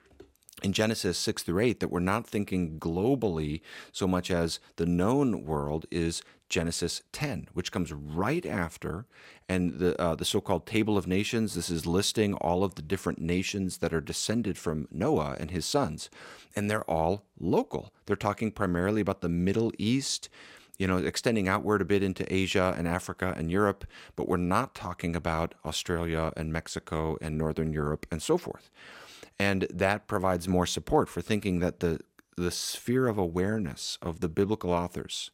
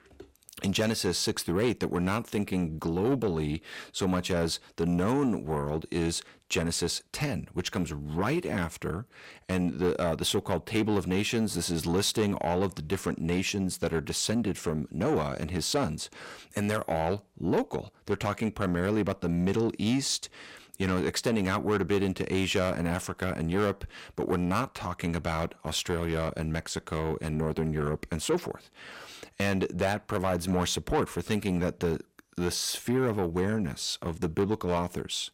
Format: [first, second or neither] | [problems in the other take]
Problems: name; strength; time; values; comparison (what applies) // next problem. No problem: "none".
first | distortion; slight; 10 dB below the speech